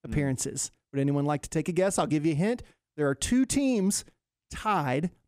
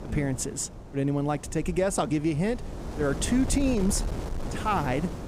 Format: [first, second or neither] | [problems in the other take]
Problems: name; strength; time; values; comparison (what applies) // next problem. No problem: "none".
first | wind noise on the microphone; occasional gusts; 10 dB below the speech